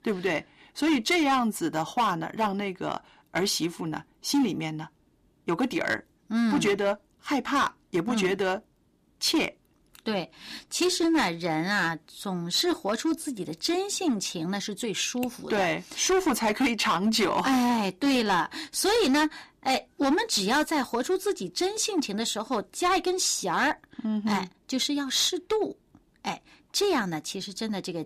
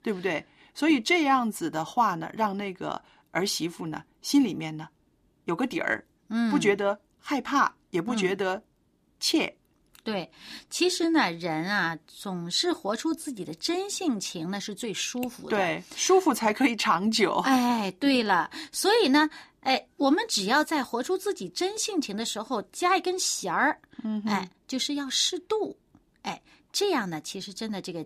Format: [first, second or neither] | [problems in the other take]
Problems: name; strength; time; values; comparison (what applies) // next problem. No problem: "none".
second | distortion; slight; 7% of the sound clipped